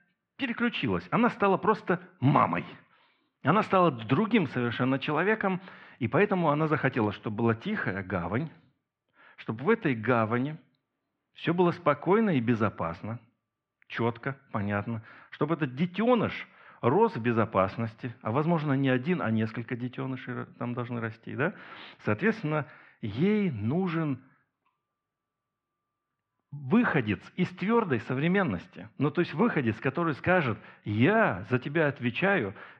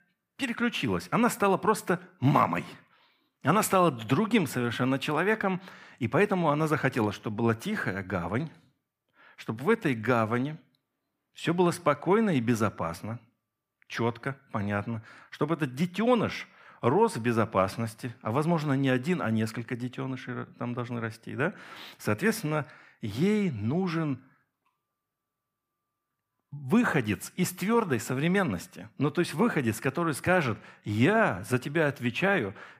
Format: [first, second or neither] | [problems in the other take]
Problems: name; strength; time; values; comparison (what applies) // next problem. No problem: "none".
second | muffled; slightly; fading above 3.5 kHz